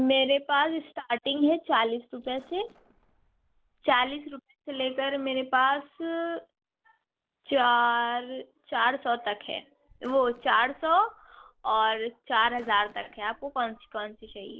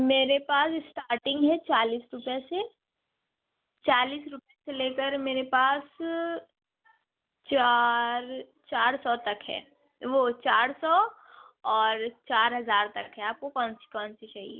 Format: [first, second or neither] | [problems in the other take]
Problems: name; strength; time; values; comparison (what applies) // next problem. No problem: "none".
second | noise reduction (neural separator model SepFormer DNS4)